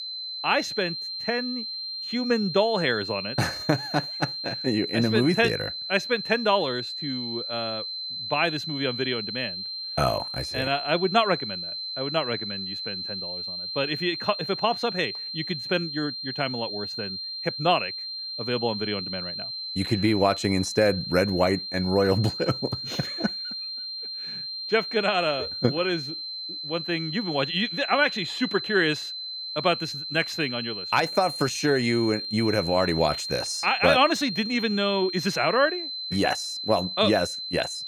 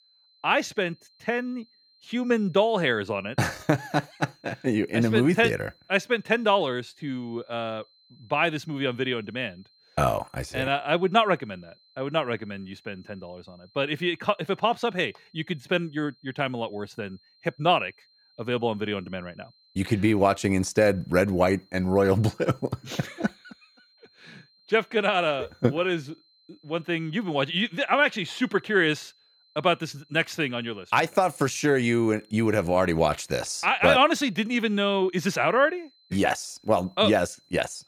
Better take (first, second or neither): second